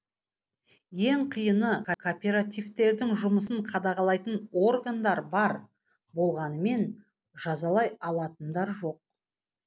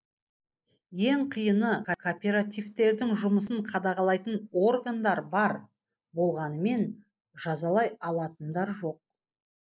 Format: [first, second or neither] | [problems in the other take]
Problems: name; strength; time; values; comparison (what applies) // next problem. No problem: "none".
first | noise reduction (neural mask model Resemble Enhance denoiser)